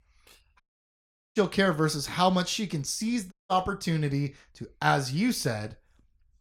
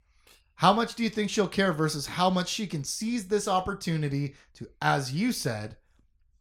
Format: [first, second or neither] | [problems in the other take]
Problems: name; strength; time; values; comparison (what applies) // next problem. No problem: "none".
second | audio cutting out; at 0.5 s for 1 s and at 3.5 s